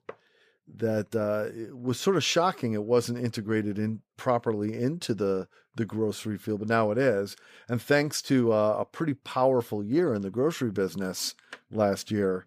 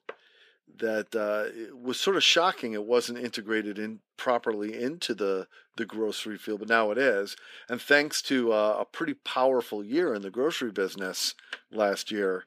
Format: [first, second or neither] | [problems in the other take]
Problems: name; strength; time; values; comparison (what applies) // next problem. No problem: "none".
first | thin; very slightly; fading below 250 Hz